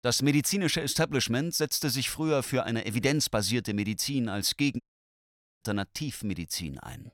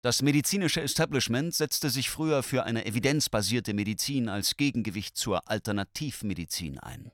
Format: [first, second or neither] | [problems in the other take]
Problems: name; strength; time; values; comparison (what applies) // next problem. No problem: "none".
second | audio cutting out; at 5 s for 1 s